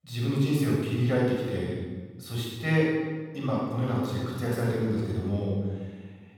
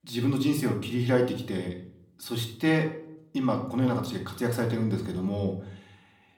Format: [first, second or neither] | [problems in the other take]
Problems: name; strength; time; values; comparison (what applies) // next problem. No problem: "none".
second | room echo; strong; dies away in 1.3 s; slight in the second // off-mic speech; far; somewhat distant in the second